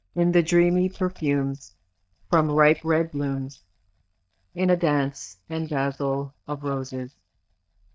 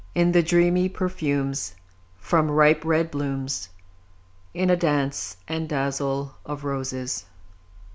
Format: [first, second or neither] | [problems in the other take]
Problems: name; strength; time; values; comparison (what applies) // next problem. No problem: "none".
second | noise reduction (neural mask model DeepFilterNet 3)